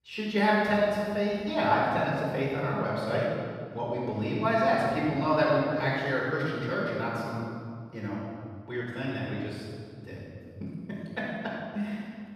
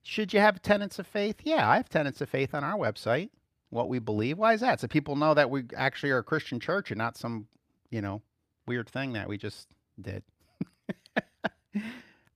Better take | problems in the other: second | off-mic speech; far // room echo; strong; dies away in 1.9 s

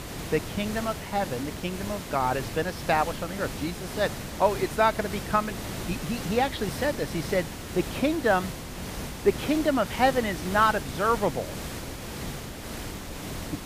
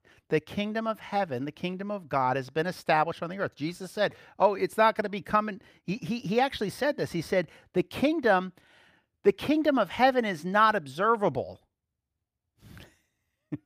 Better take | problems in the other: second | hiss; loud; throughout; 8 dB below the speech

